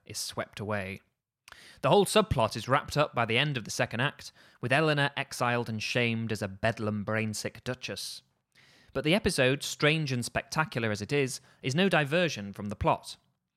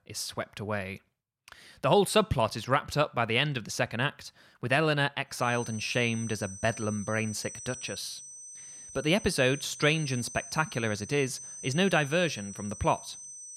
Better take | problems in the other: first | high-pitched whine; noticeable; from 5.5 s on; 6 kHz, 15 dB below the speech

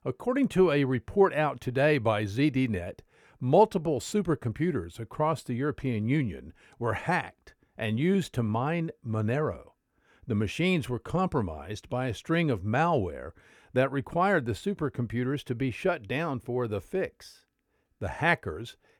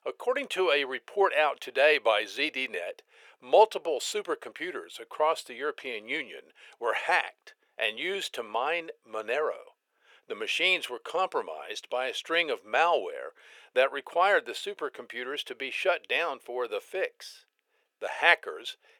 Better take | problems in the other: first | thin; very; fading below 500 Hz

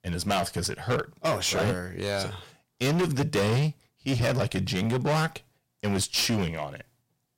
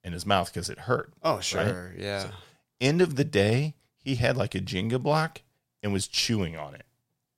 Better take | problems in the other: second | distortion; heavy; 14% of the sound clipped

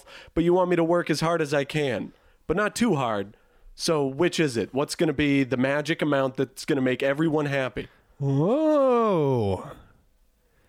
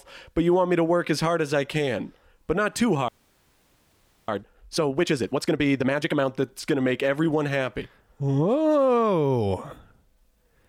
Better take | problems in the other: first | audio freezing; at 3 s for 1 s

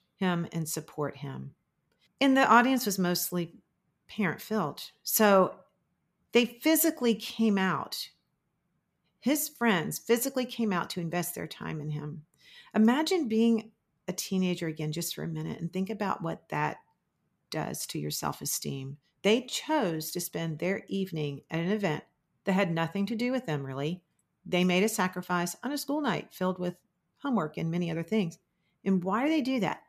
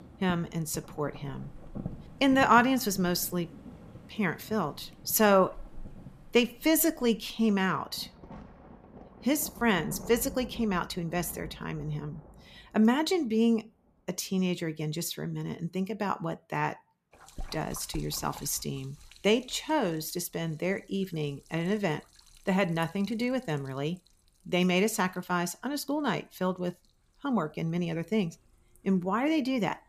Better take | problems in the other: first | rain or running water; noticeable; throughout; 20 dB below the speech

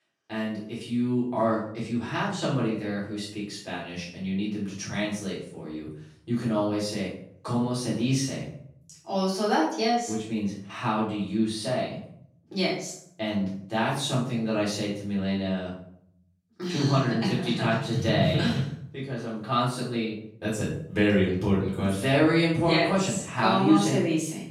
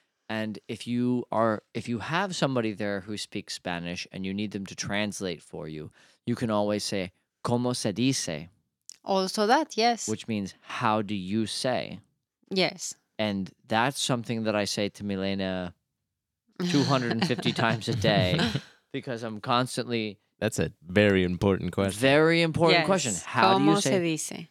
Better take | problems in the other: second | off-mic speech; far // room echo; noticeable; dies away in 0.6 s

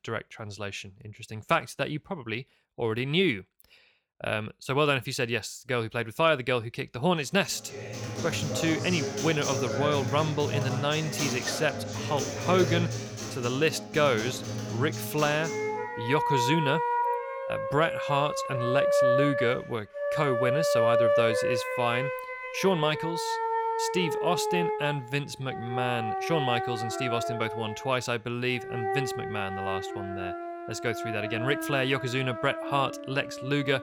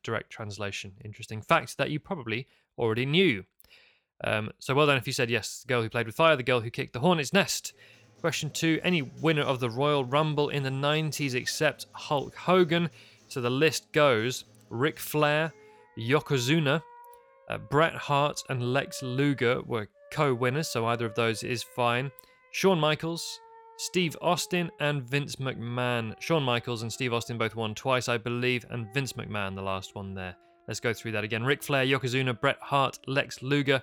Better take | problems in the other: second | background music; loud; from 8 s on; 2 dB below the speech; faint in the second

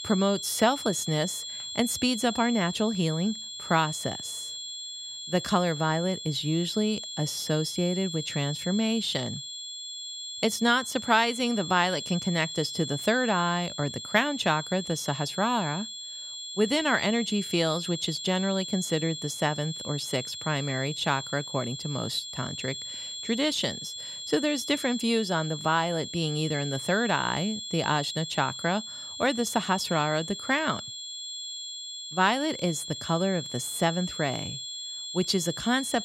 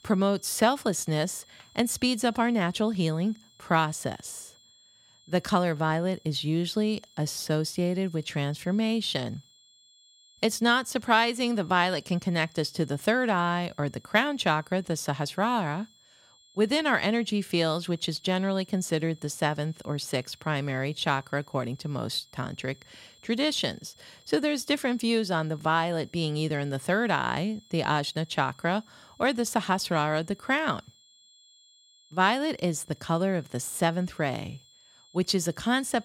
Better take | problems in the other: second | high-pitched whine; loud; throughout; 3.5 kHz, 7 dB below the speech; faint in the second

